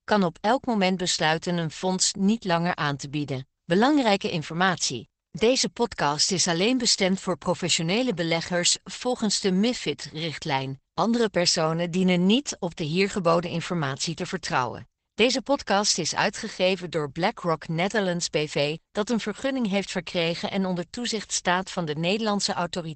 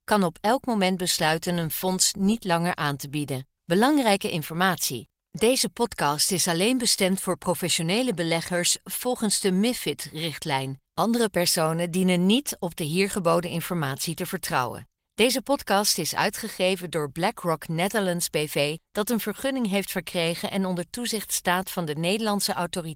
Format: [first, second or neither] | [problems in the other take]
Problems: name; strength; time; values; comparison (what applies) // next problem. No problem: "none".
second | garbled, watery; badly; nothing above 8 kHz; slightly in the second